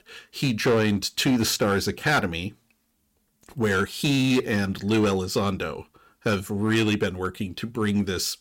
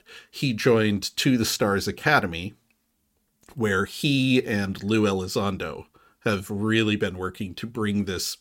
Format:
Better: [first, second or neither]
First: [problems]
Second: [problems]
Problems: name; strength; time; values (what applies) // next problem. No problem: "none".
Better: second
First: distortion; slight; 6% of the sound clipped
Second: none